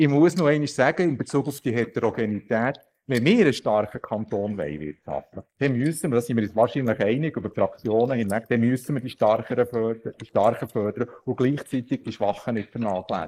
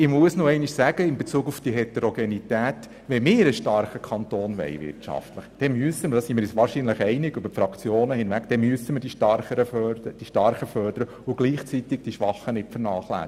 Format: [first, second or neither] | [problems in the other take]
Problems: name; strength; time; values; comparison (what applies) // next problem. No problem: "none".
second | noise reduction (neural mask model Resemble Enhance denoiser)